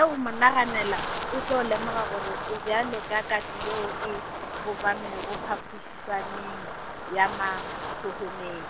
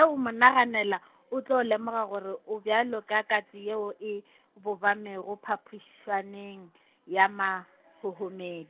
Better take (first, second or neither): second